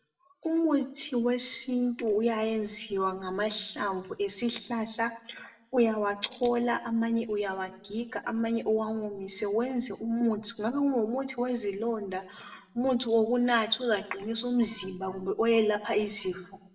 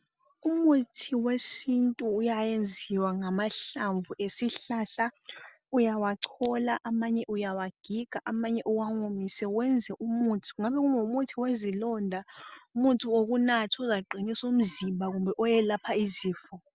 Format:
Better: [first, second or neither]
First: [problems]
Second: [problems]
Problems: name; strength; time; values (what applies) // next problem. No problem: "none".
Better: second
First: room echo; dies away in 0.7 s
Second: none